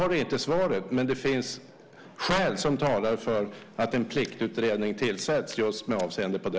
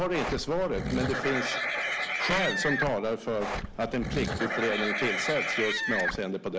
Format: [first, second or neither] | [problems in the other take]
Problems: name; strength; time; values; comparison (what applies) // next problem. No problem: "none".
first | background sound (Livestock, farm animals, working animals); 1 dB below the speech